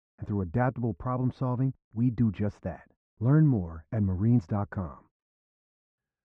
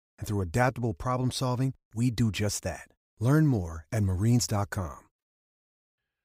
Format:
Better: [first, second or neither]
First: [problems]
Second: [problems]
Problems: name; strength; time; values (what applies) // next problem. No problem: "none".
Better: second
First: muffled; very; fading above 1.5 kHz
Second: none